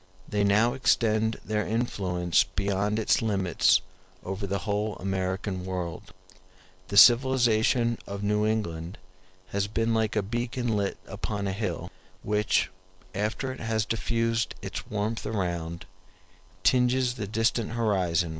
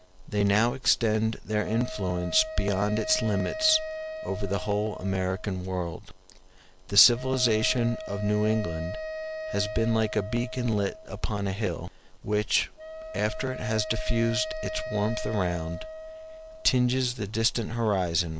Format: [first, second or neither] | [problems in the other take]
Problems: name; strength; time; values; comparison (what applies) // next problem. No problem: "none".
first | background sound (Wind instrument, woodwind instrument); 11 dB below the speech